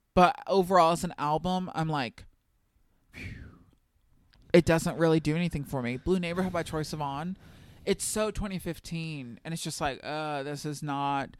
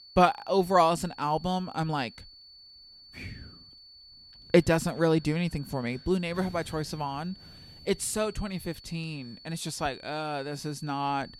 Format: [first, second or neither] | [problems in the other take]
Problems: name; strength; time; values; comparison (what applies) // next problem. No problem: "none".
first | high-pitched whine; noticeable; throughout; 4.5 kHz, 20 dB below the speech